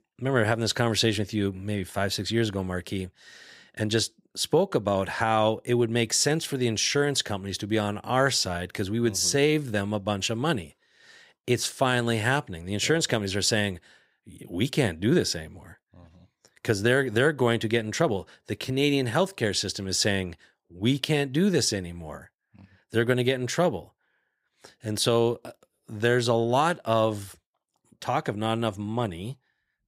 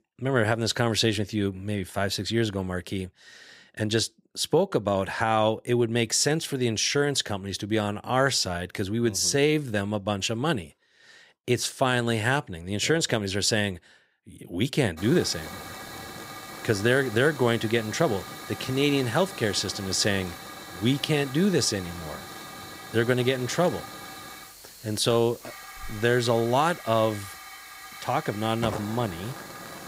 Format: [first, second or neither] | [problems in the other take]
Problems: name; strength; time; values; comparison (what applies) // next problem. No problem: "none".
first | hiss; noticeable; from 15 s on; 15 dB below the speech